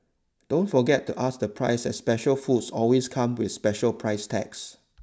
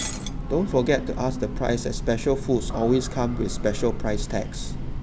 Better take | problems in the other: first | background sound (Shatter + Train / Breathing); 4 dB below the speech

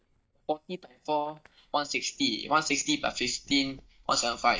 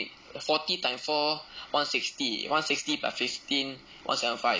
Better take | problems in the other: second | noise reduction (neural mask model DeepFilterNet 3)

